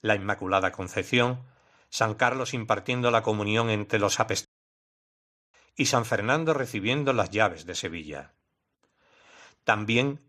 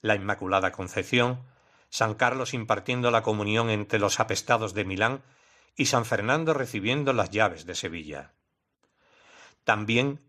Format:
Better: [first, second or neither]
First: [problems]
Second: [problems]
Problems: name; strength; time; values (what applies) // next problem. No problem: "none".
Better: second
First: audio cutting out; at 4.5 s for 1 s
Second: none